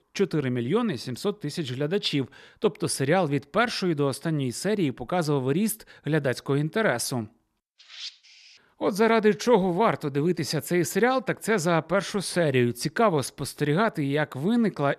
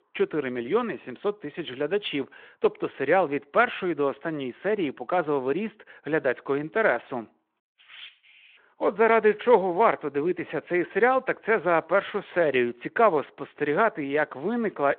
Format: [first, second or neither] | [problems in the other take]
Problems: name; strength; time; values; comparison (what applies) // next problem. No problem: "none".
first | phone-call audio